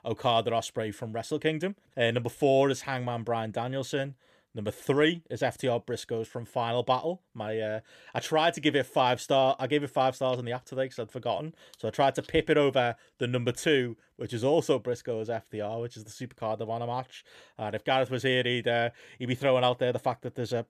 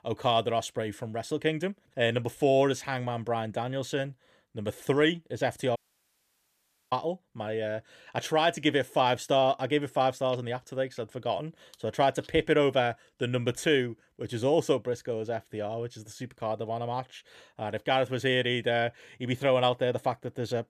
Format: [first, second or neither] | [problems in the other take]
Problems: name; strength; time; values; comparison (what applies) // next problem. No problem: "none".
first | audio cutting out; at 6 s for 1 s